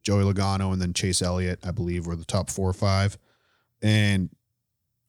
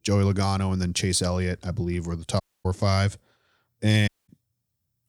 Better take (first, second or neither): first